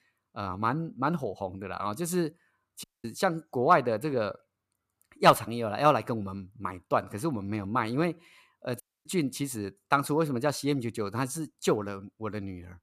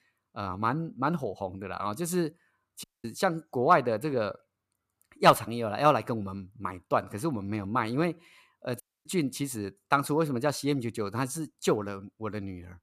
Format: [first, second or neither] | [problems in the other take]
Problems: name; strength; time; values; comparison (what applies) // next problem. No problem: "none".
neither | audio cutting out; at 3 s and at 9 s; the same in both